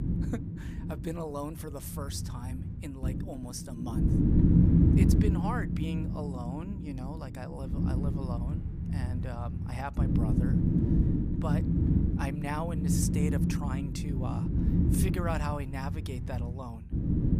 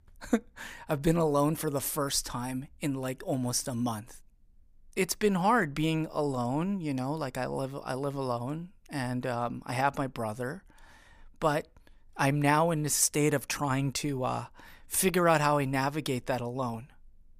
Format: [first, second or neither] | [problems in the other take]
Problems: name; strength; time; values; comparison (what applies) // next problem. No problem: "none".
second | wind noise on the microphone; heavy; 2 dB above the speech